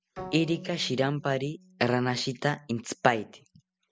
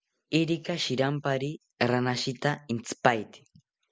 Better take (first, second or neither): second